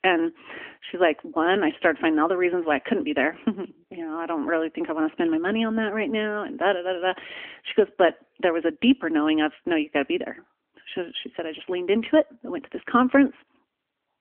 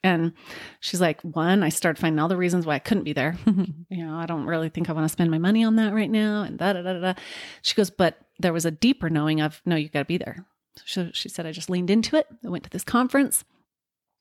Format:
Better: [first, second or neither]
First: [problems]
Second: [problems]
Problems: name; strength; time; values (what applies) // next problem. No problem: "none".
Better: second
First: phone-call audio; nothing above 3.5 kHz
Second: none